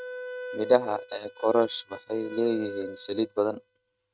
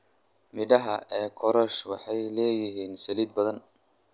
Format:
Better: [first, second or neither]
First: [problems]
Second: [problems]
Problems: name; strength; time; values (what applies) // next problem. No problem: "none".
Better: second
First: noise reduction (neural mask model RNNoise)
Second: none